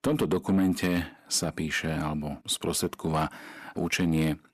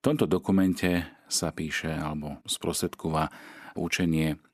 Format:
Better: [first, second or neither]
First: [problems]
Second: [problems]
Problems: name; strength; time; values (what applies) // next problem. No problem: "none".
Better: second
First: distortion; slight; 10 dB below the speech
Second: none